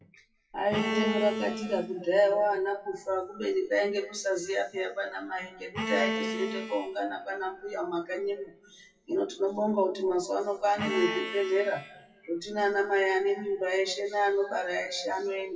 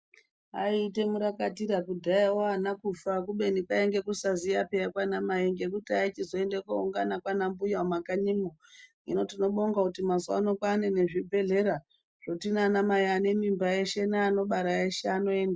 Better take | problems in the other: second | noise reduction (classical method WPE with log-MMSE)

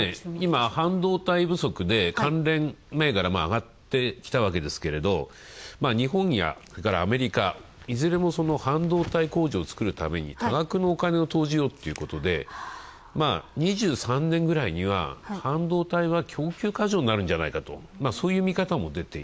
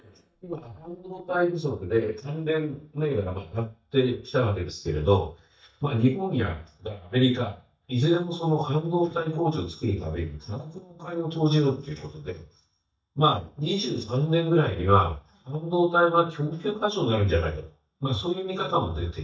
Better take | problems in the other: first | noise reduction (neural mask model DeepFilterNet 3)

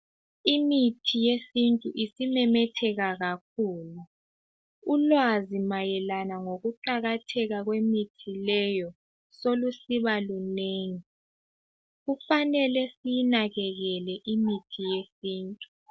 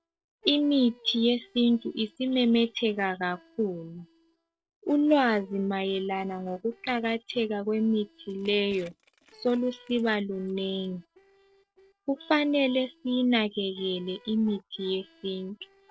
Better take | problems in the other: first | noise reduction (neural separator model SepFormer DNS4)

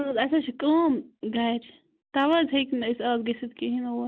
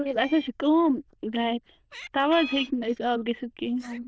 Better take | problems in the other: first | noise reduction (neural diffusion model UNIVERSE++)

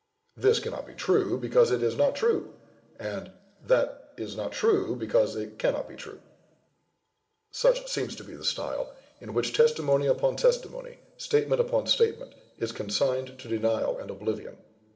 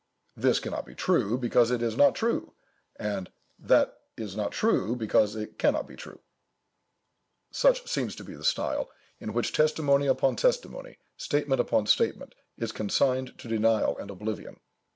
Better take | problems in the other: second | room echo; dies away in 2 s

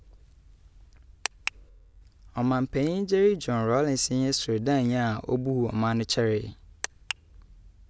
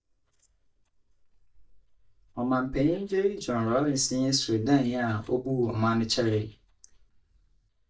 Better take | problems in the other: first | noise reduction (neural mask model DeepFilterNet 3)

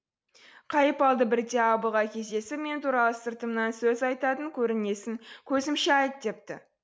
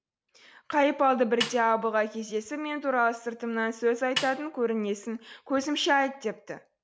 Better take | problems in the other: first | background sound (Snare drum); 10 dB below the speech

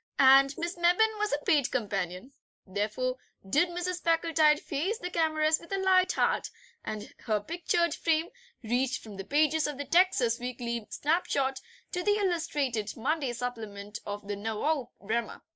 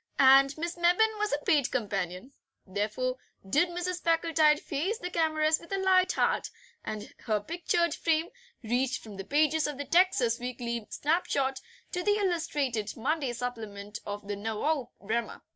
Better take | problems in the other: second | noise reduction (neural mask model Resemble Enhance denoiser)

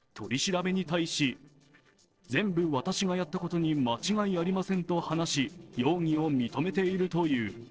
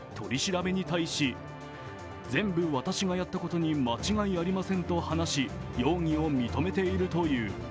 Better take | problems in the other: second | noise reduction (neural separator model SepFormer DNS4)

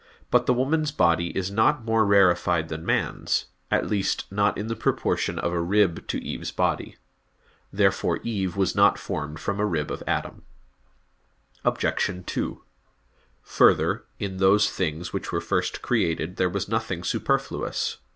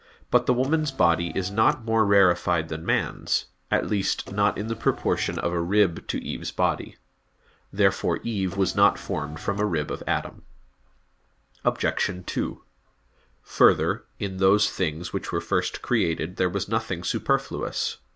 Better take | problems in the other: first | background sound (Car); 16 dB below the speech

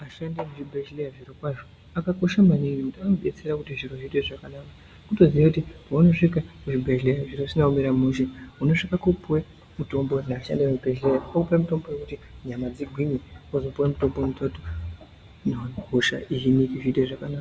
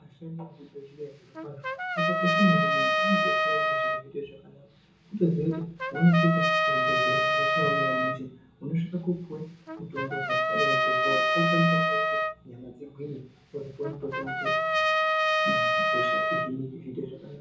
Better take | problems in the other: first | background sound (Trumpet); 4 dB above the speech // room echo; dies away in 0.6 s

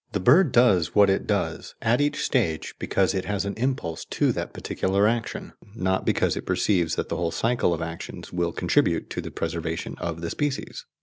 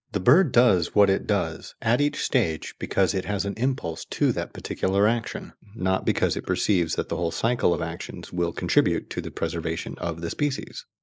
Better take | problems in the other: first | noise reduction (neural mask model Resemble Enhance denoiser)

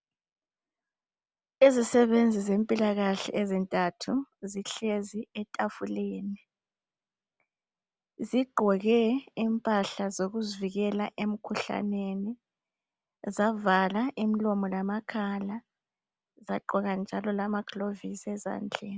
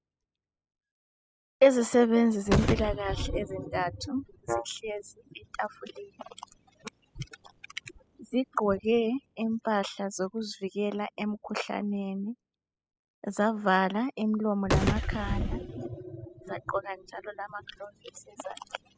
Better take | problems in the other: first | noise reduction (classical method spectral subtraction)

